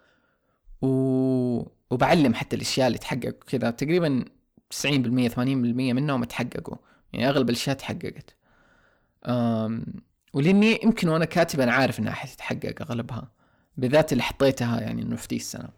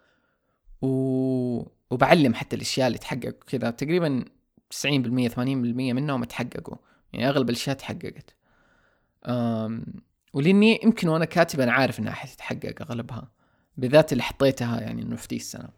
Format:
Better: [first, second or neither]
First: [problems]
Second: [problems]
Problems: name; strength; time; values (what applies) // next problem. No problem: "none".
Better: second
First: distortion; slight; 10 dB below the speech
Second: none